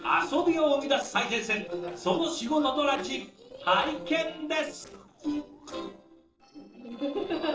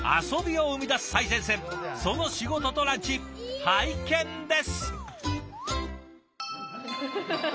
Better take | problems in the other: second | noise reduction (neural separator model SepFormer DNS4)

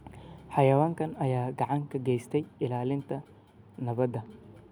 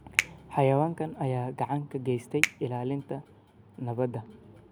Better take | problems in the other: first | background sound (Finger snapping); 7 dB below the speech

